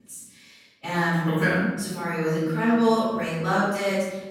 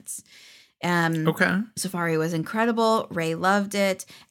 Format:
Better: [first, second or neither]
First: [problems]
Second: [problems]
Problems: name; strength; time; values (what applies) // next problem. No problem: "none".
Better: second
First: off-mic speech; far // room echo; strong; dies away in 1 s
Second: none